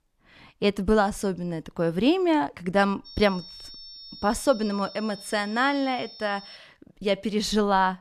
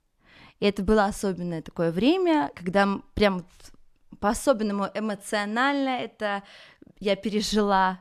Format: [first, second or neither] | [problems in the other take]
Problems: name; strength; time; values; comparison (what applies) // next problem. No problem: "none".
second | high-pitched whine; noticeable; from 3 to 6.5 s; 5.5 kHz, 15 dB below the speech